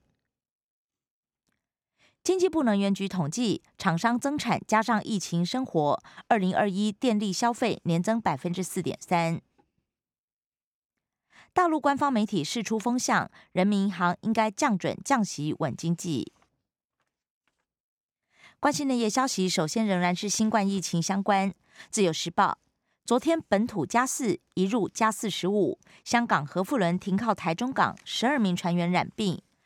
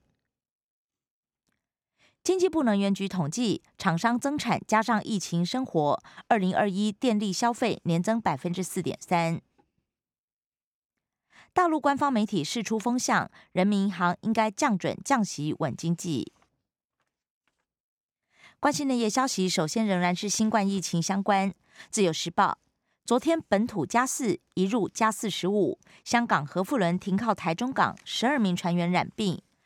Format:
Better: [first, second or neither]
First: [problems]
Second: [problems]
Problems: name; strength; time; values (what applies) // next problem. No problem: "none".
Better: neither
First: none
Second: none